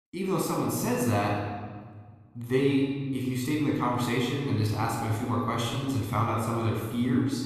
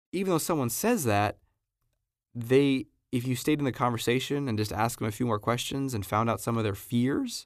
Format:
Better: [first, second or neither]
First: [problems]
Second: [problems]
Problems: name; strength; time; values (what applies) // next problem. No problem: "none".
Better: second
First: off-mic speech; somewhat distant // room echo; noticeable; dies away in 1.5 s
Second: none